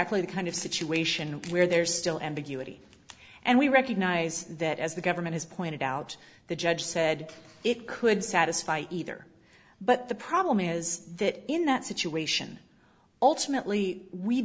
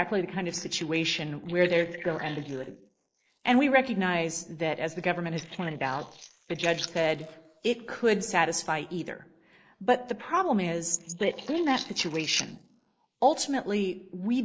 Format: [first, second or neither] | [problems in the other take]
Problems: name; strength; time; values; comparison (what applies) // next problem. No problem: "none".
first | noise reduction (neural mask model Resemble Enhance denoiser)